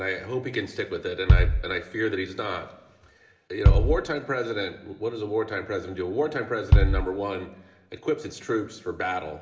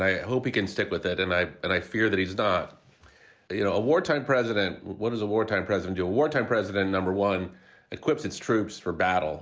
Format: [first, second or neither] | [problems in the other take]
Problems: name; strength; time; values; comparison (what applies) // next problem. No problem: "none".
second | background sound (Bass drum); 5 dB above the speech // room echo; dies away in 0.9 s